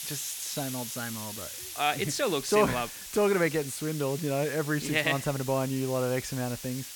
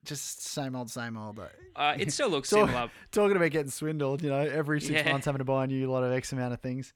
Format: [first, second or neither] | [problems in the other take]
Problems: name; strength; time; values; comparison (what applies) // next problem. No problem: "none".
second | hiss; loud; throughout; 9 dB below the speech